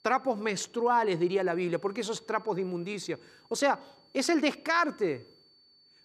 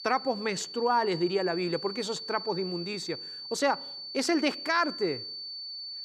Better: first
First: high-pitched whine; faint; throughout; 4.5 kHz, 30 dB below the speech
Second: high-pitched whine; loud; throughout; 4.5 kHz, 8 dB below the speech

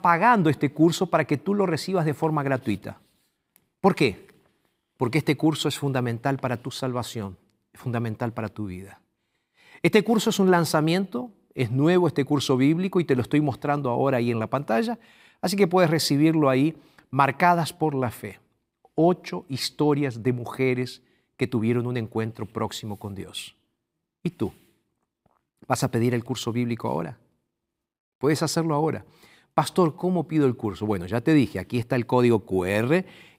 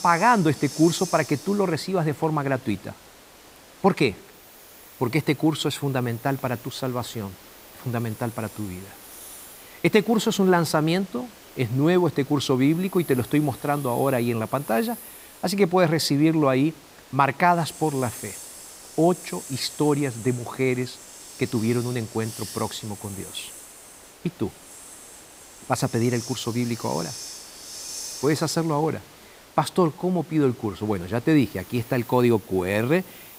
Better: first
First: none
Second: hiss; noticeable; throughout; 15 dB below the speech

